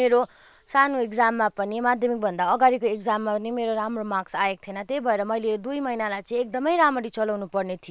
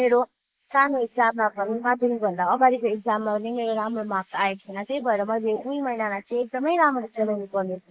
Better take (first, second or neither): first